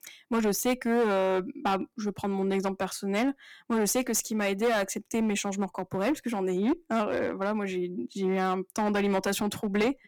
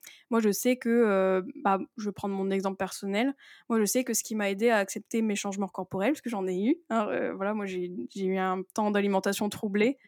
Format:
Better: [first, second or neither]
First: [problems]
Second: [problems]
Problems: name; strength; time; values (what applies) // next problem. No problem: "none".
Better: second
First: distortion; slight; 9% of the sound clipped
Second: none